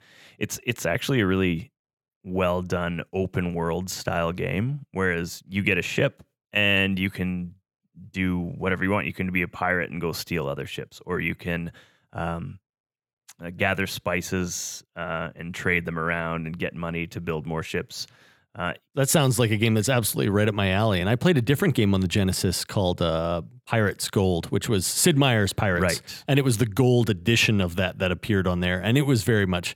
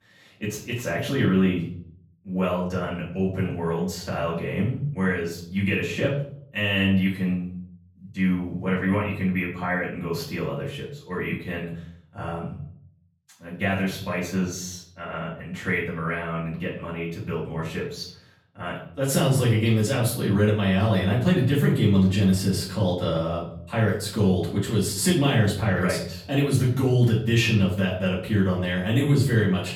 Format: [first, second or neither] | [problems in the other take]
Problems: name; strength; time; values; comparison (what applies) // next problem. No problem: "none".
first | off-mic speech; far // room echo; noticeable; dies away in 0.5 s